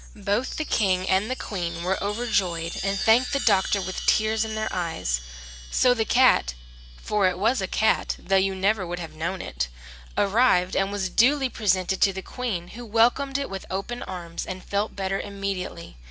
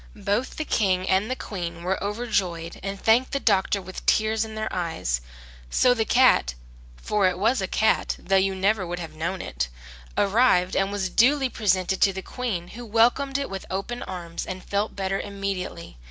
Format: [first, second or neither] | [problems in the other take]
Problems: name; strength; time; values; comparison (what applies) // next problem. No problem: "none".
second | background sound (Chime); 13 dB below the speech